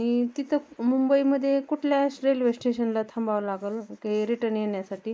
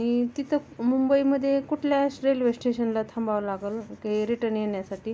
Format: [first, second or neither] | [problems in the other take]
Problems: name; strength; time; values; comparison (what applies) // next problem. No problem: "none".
second | noise reduction (neural mask model Resemble Enhance denoiser)